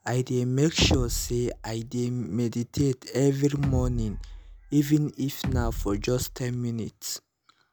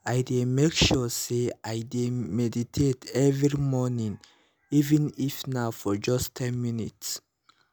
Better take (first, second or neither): second